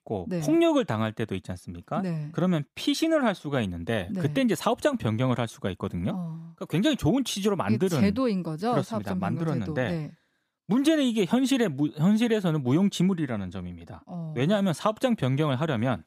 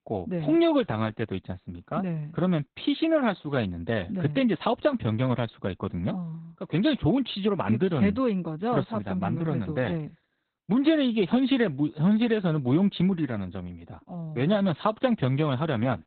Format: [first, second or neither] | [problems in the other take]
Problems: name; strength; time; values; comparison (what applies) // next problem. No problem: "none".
first | garbled, watery; badly; nothing above 4 kHz